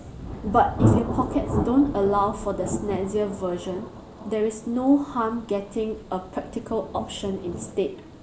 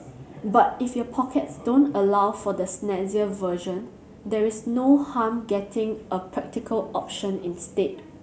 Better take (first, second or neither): second